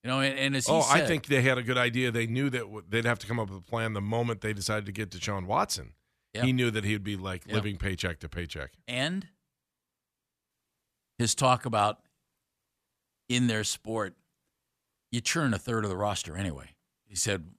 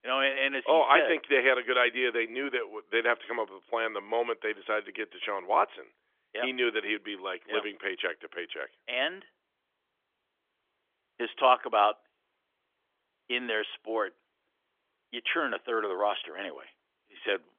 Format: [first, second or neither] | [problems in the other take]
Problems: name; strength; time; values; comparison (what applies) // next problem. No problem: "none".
first | phone-call audio; nothing above 3.5 kHz